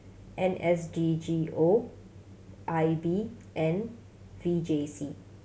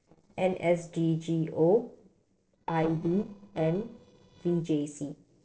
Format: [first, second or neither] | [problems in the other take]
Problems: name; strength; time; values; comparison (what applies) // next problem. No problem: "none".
first | noise reduction (neural separator model SepFormer DNS4)